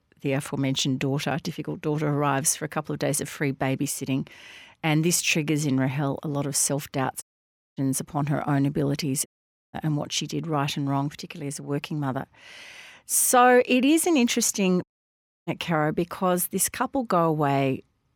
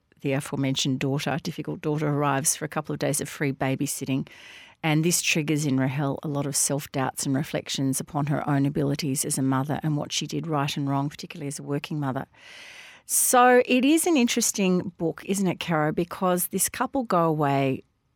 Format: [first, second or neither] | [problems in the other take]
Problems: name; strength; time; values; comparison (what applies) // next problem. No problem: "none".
second | audio cutting out; at 7 s for 0.5 s, at 9.5 s and at 15 s for 0.5 s